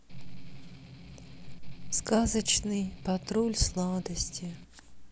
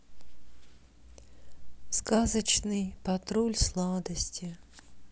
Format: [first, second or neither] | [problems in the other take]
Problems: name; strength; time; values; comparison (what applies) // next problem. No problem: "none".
second | background sound (Strum); 18 dB below the speech